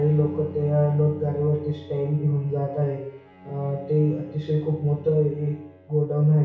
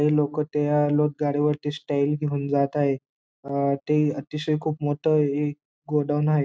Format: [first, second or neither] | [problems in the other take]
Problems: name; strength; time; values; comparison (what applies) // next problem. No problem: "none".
second | background sound (Bowed string instrument); 19 dB below the speech // room echo; dies away in 0.6 s